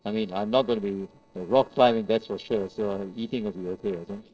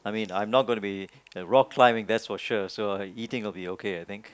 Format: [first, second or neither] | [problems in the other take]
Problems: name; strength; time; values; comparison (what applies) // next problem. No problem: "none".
second | noise reduction (neural separator model SepFormer DNS4)